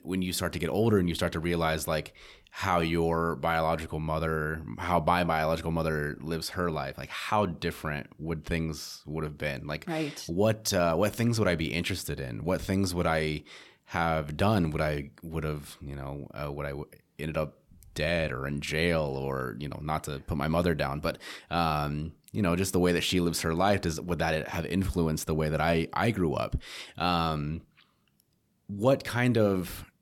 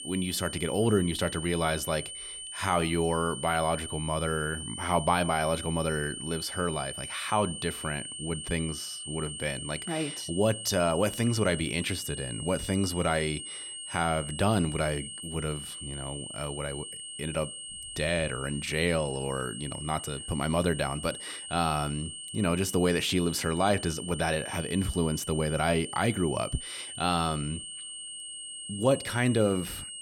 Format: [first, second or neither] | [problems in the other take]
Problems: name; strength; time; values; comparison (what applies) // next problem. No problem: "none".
first | high-pitched whine; loud; throughout; 3 kHz, 8 dB below the speech